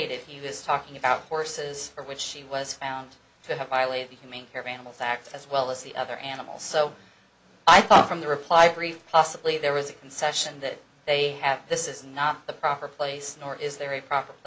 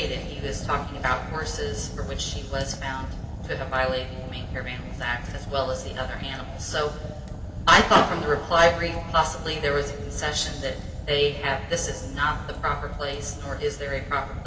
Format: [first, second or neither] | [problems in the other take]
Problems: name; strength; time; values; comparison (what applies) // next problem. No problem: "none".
first | background sound (Fire); 7 dB below the speech // room echo; dies away in 1.7 s